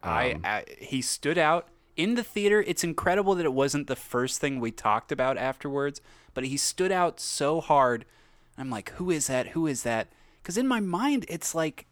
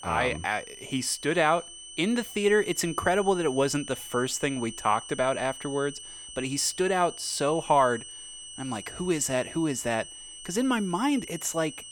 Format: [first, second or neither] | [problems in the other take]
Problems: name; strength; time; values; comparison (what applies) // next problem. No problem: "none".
first | high-pitched whine; noticeable; throughout; 3 kHz, 15 dB below the speech